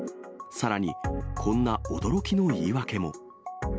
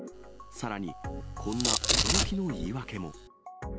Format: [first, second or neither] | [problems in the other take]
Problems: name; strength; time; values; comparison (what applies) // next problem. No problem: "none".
first | background sound (Domestic sounds, home sounds); 3 dB above the speech